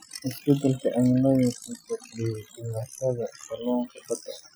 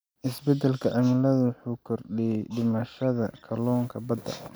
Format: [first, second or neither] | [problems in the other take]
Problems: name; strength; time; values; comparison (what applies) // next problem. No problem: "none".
second | noise reduction (classical method Wiener filter)